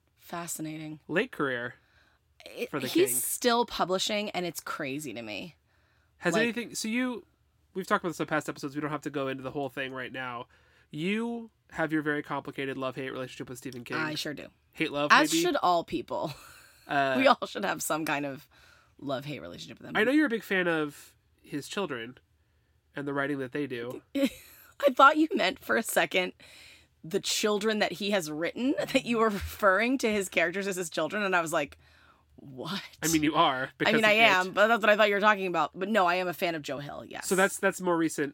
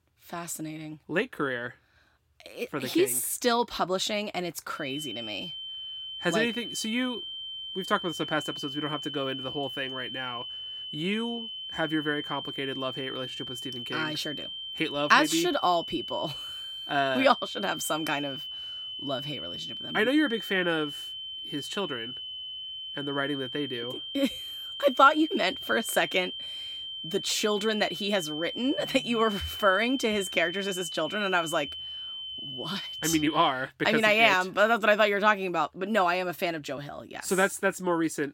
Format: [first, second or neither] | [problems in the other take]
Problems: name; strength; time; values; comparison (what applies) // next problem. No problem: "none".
first | high-pitched whine; loud; from 5 to 33 s; 3 kHz, 8 dB below the speech